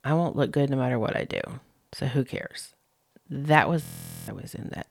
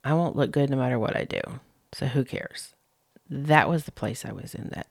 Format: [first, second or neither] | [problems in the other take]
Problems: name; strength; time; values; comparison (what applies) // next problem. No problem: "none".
second | audio freezing; at 4 s